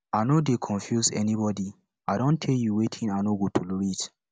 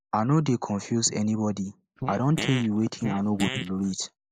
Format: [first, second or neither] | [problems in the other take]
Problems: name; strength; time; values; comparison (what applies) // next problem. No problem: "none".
first | noise reduction (neural mask model Resemble Enhance denoiser)